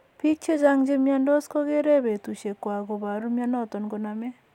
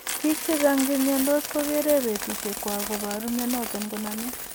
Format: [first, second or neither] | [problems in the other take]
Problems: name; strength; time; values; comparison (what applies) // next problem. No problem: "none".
first | background sound (Coin (dropping)); 6 dB below the speech